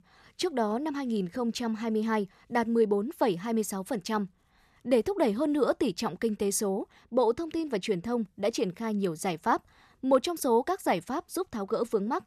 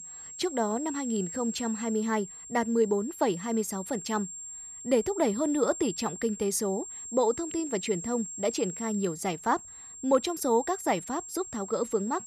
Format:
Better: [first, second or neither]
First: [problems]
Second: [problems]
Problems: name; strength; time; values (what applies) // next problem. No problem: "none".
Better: first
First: none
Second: high-pitched whine; loud; throughout; 7.5 kHz, 9 dB below the speech